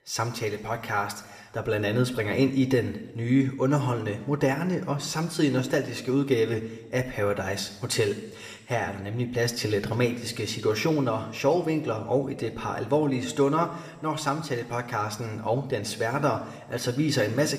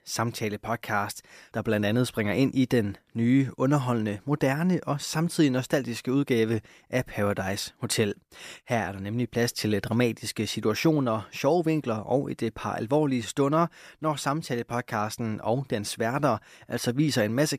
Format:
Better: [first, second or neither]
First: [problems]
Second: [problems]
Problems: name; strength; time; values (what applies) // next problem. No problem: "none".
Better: second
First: room echo; very slight; dies away in 1.3 s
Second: none